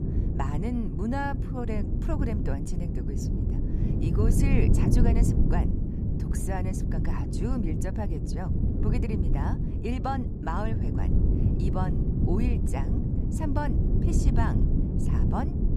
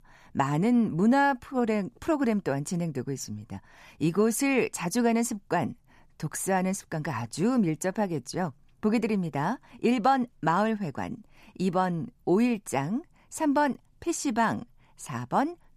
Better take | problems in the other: second | wind noise on the microphone; heavy; 2 dB below the speech

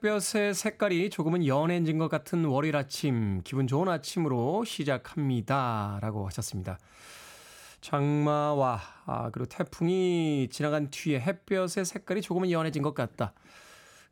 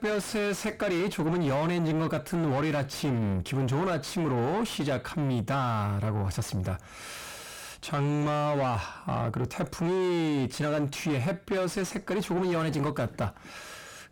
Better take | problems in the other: first | distortion; heavy; 6 dB below the speech

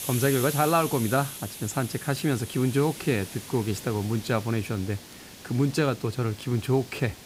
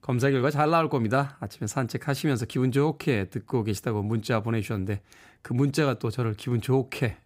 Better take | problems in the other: second | hiss; noticeable; throughout; 10 dB below the speech

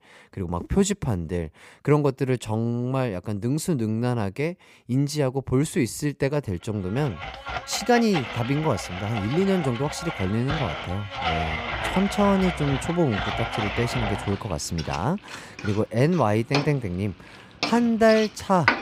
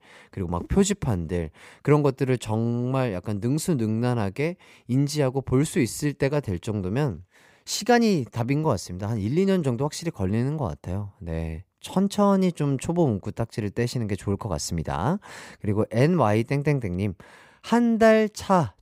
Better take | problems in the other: second | household noises; loud; from 7 s on; 6 dB below the speech

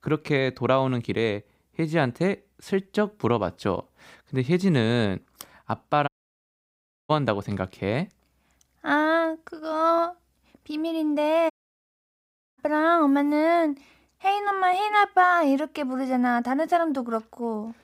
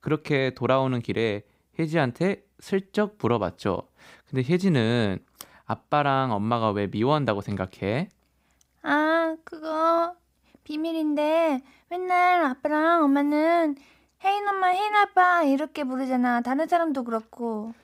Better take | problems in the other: second | audio cutting out; at 6 s for 1 s and at 12 s for 1 s

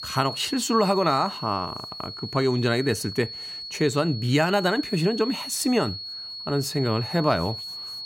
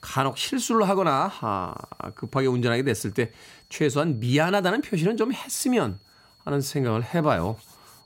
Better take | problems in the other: second | high-pitched whine; loud; throughout; 4.5 kHz, 9 dB below the speech; faint in the second

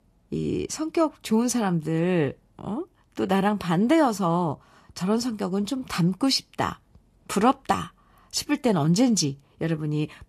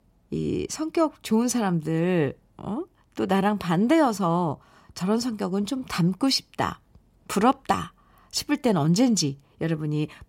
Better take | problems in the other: second | garbled, watery; slightly; nothing above 12.5 kHz

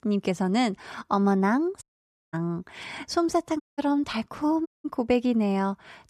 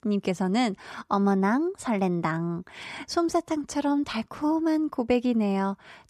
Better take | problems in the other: second | audio cutting out; at 2 s for 0.5 s, at 3.5 s and at 4.5 s

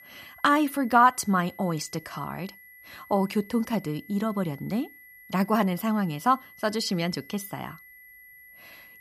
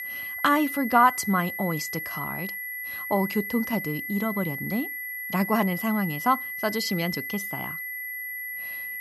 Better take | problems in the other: first | high-pitched whine; loud; throughout; 2 kHz, 5 dB below the speech; faint in the first

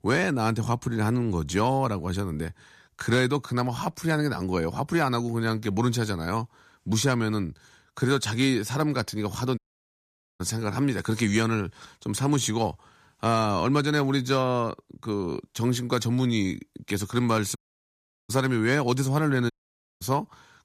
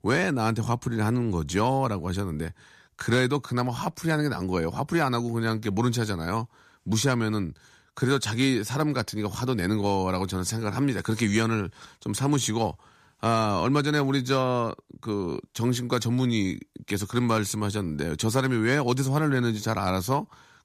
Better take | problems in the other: second | audio cutting out; at 9.5 s for 1 s, at 18 s for 0.5 s and at 20 s for 0.5 s

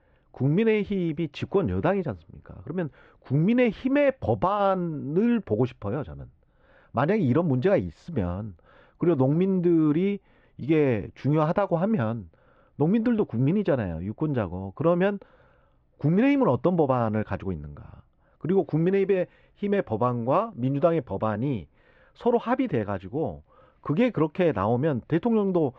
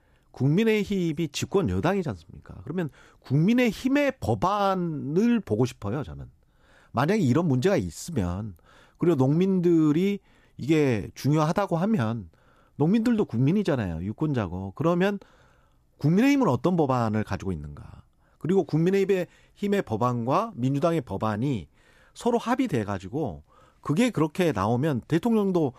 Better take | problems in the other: second | muffled; very; fading above 3 kHz

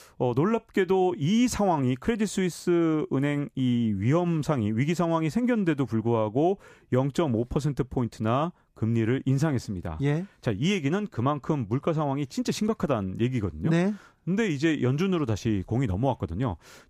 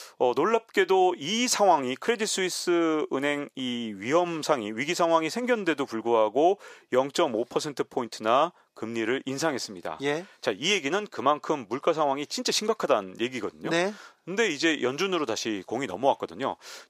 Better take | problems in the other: first | thin; somewhat; fading below 500 Hz

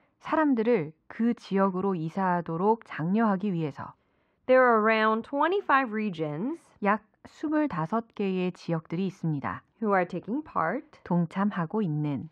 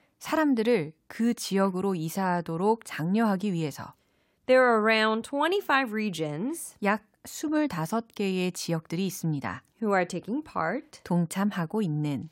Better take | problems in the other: second | muffled; very; fading above 2 kHz

